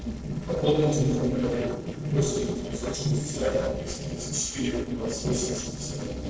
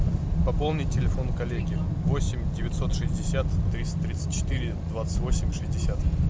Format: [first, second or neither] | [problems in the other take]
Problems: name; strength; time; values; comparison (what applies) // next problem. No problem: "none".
second | noise reduction (neural separator model SepFormer DNS4)